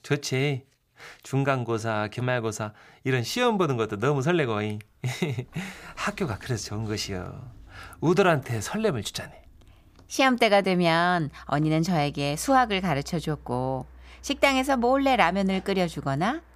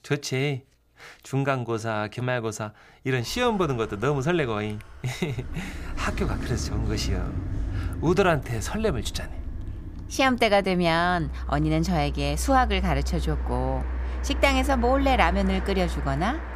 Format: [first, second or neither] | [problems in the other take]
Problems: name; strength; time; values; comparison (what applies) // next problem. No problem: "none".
first | traffic noise; loud; throughout; 7 dB below the speech; faint in the first